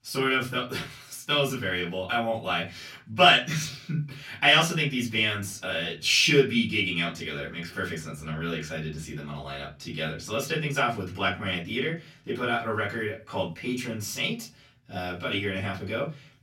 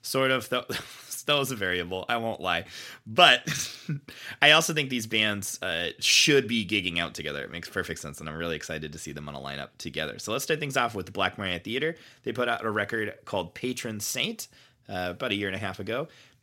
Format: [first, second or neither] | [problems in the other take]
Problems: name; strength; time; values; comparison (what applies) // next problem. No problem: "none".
second | room echo; slight; dies away in 0.3 s // off-mic speech; far